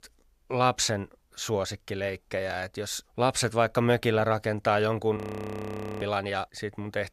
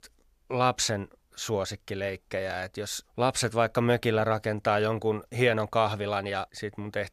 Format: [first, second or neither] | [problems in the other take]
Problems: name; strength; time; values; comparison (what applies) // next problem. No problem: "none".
second | audio freezing; at 5 s for 1 s